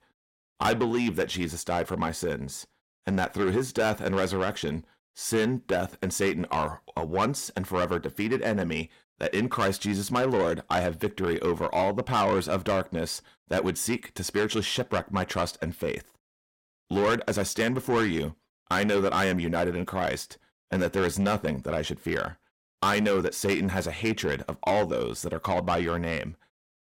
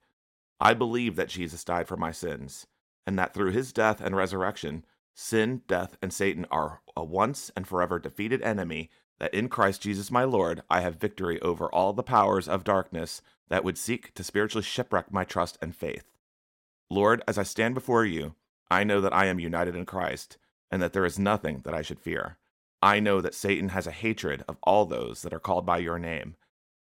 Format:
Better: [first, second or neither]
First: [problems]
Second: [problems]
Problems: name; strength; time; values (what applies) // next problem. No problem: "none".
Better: second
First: distortion; heavy; 7 dB below the speech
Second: none